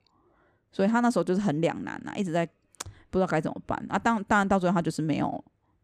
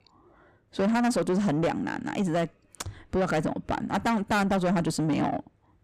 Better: first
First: none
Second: distortion; heavy; 7 dB below the speech

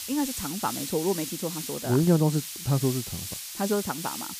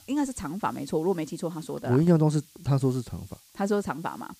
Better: second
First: hiss; loud; throughout; 6 dB below the speech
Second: hiss; faint; throughout; 25 dB below the speech

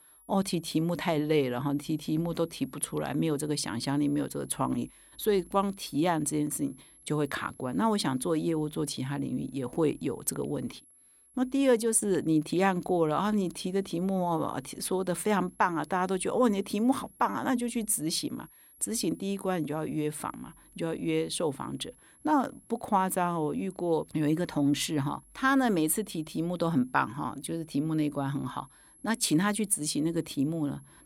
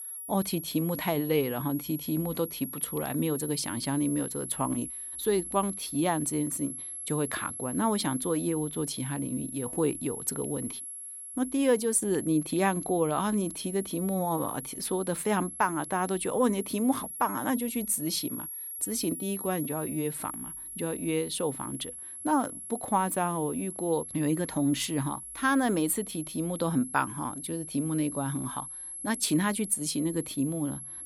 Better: first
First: high-pitched whine; faint; throughout; 11.5 kHz, 25 dB below the speech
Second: high-pitched whine; loud; throughout; 11.5 kHz, 8 dB below the speech

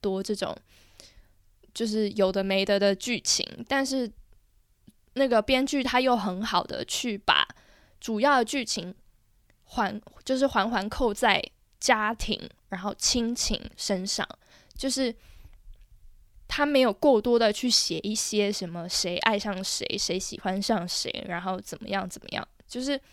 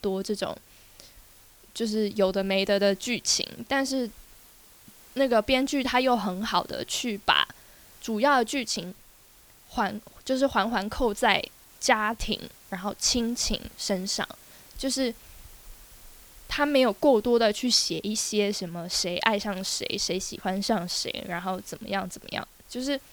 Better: first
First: none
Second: hiss; faint; throughout; 25 dB below the speech

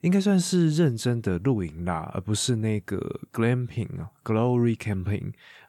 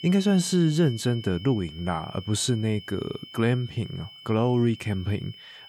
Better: first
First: none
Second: high-pitched whine; noticeable; throughout; 3 kHz, 15 dB below the speech

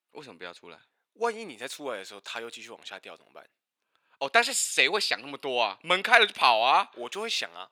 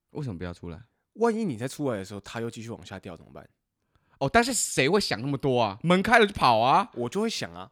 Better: second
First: thin; very; fading below 550 Hz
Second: none

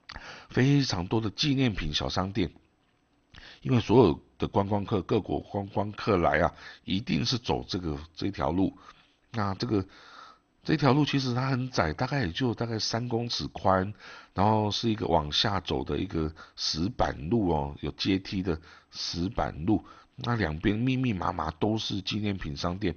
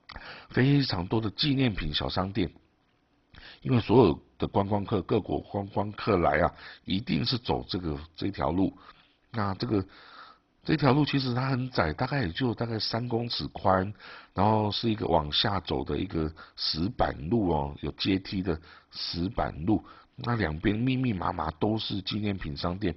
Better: first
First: garbled, watery; slightly; nothing above 6 kHz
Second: garbled, watery; badly; nothing above 5.5 kHz

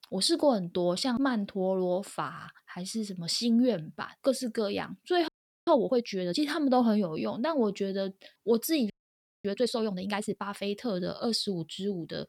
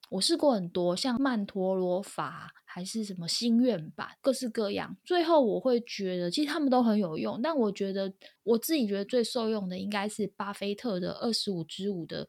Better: second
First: audio freezing; at 5.5 s and at 9 s for 0.5 s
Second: none

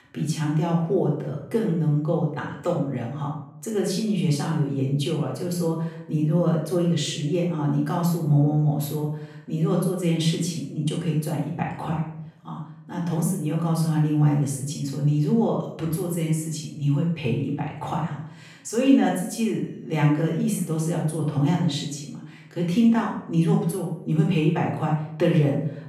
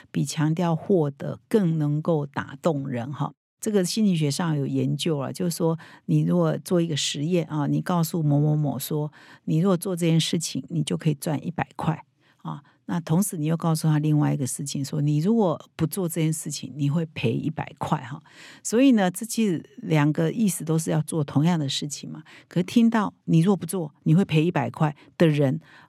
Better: second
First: off-mic speech; far // room echo; noticeable; dies away in 0.6 s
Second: none

